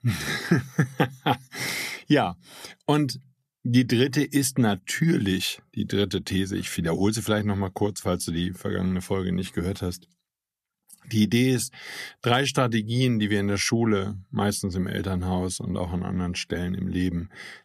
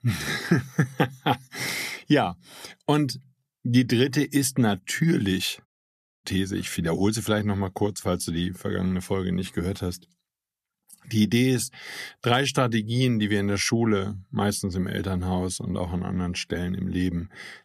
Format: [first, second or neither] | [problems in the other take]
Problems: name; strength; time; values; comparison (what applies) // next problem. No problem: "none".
first | audio cutting out; at 5.5 s for 0.5 s